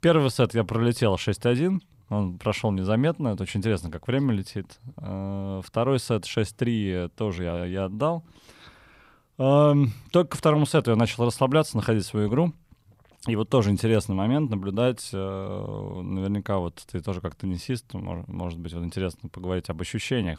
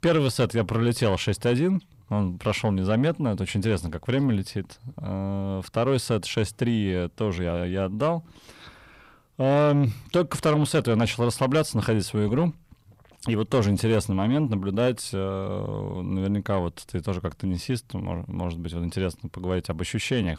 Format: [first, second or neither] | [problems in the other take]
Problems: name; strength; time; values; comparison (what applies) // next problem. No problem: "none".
first | distortion; slight; 10 dB below the speech